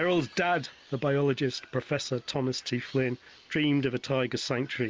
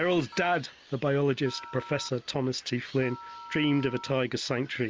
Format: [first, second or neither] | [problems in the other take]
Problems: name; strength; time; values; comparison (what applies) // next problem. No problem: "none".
first | background sound (Telephone); 18 dB below the speech